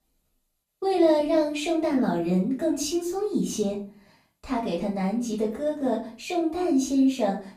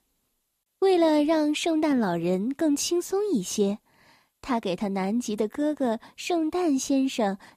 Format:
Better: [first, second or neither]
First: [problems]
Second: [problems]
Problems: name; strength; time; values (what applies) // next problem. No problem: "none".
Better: second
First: off-mic speech; far // room echo; slight; dies away in 0.4 s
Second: none